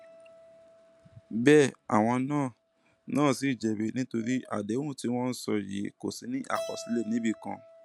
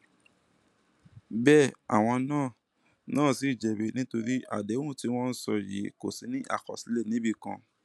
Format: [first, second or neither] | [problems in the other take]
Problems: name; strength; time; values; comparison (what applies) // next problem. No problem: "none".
second | background sound (Keyboard (musical)); 20 dB below the speech